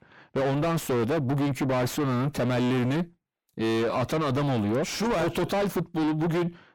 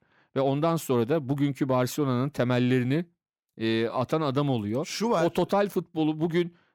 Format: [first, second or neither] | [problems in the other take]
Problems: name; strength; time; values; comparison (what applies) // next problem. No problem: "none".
second | distortion; heavy; 5 dB below the speech